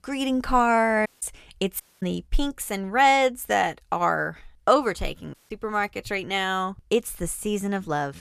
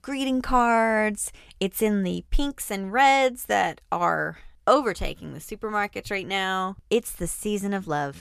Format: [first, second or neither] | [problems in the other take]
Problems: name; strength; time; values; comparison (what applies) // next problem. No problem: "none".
second | audio cutting out; at 1 s, at 2 s and at 5.5 s